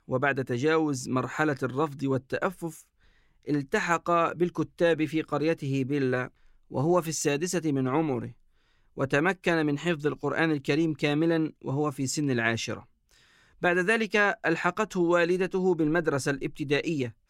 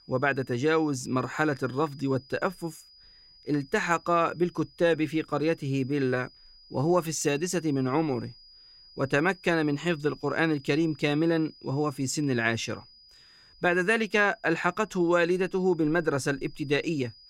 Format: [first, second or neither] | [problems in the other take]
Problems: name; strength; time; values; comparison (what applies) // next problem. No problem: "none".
first | high-pitched whine; faint; throughout; 5 kHz, 25 dB below the speech